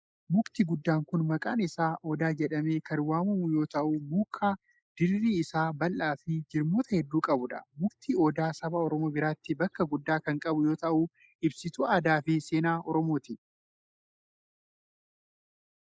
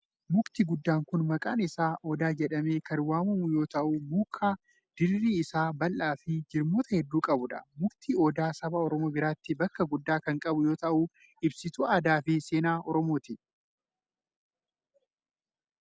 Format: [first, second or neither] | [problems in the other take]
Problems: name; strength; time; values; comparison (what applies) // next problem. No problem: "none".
second | noise reduction (neural mask model Resemble Enhance denoiser)